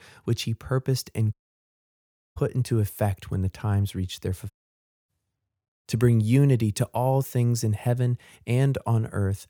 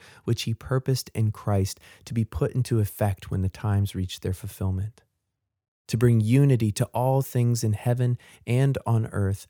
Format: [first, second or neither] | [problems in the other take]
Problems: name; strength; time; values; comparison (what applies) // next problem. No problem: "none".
second | audio cutting out; at 1.5 s for 1 s and at 4.5 s for 0.5 s